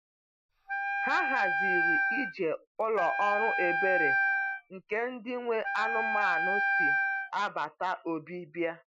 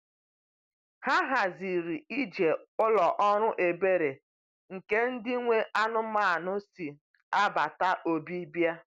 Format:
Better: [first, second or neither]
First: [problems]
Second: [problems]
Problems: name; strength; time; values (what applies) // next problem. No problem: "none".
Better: second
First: noise reduction (classical method Wiener filter)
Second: none